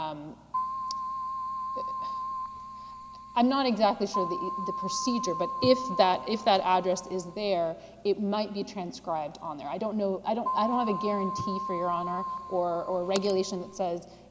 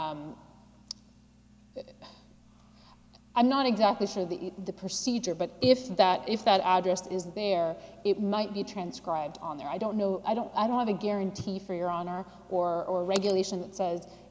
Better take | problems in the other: second | background sound (Keyboard (musical)); 6 dB below the speech

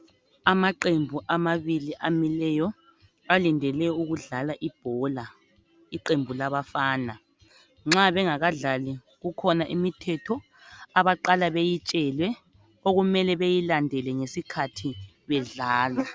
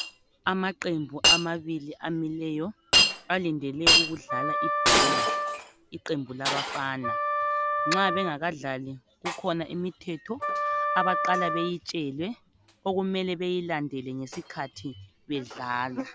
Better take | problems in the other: first | background sound (Shatter + Wind instrument, woodwind instrument); 2 dB above the speech

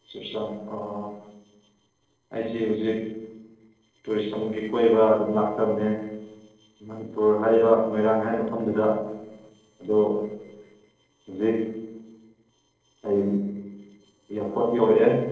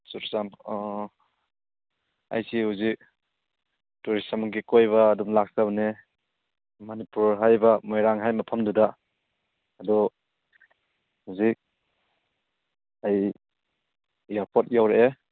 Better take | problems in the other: second | noise reduction (neural separator model SepFormer DNS4)

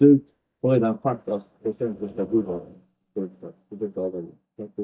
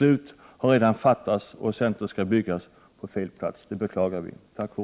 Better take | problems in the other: second | noise reduction (neural mask model DeepFilterNet 3)

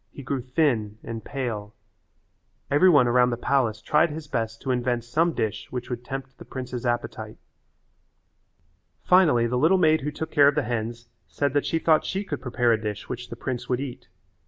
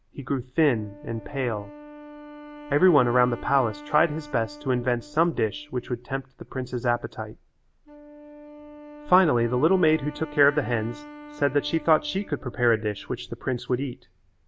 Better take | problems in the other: first | background sound (Wind instrument, woodwind instrument); 18 dB below the speech

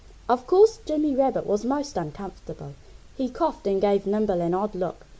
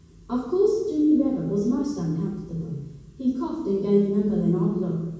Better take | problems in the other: first | room echo; dies away in 1.2 s

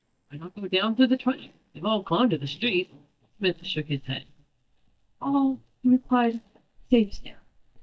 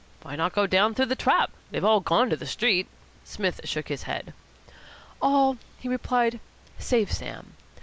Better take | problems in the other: second | noise reduction (neural mask model DeepFilterNet 3)

